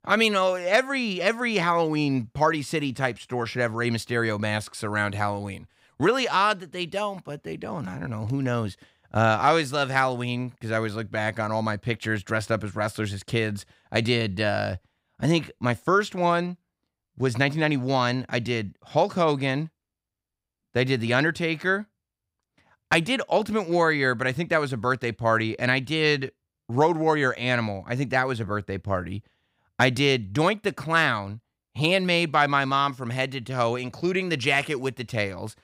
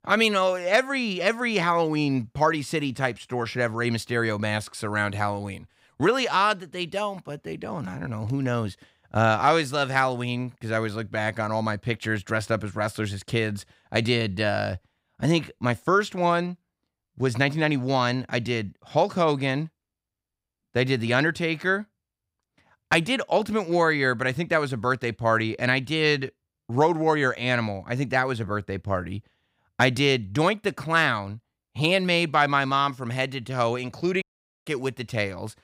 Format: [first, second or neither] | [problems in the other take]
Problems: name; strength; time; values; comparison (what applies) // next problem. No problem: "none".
first | audio cutting out; at 34 s